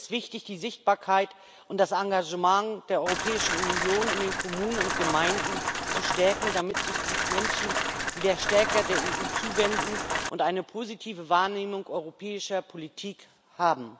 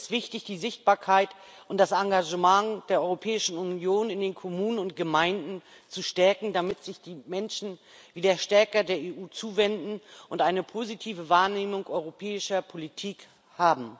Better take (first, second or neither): second